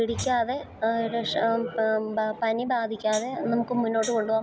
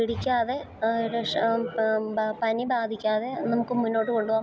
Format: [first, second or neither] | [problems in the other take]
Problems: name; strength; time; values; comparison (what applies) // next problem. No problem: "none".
second | background sound (Hi-hat); 13 dB below the speech